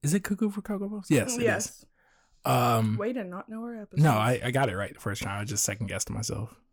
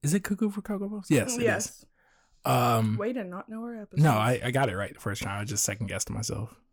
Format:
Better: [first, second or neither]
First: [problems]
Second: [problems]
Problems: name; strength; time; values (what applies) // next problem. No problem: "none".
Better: neither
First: none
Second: none